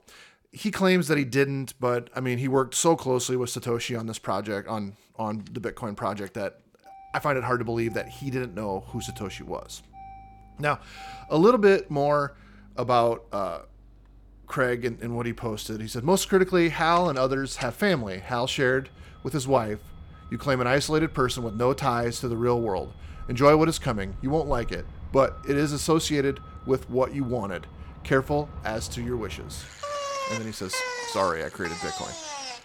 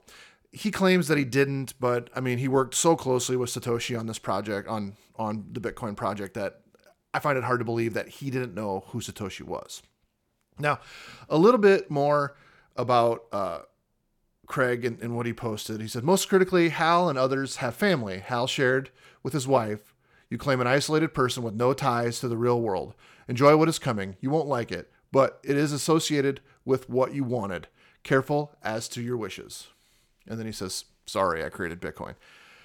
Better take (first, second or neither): second